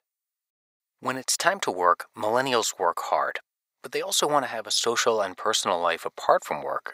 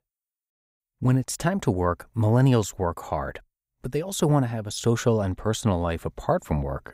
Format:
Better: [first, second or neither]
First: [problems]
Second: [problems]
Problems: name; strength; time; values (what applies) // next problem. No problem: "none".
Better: second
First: thin; very; fading below 650 Hz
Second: none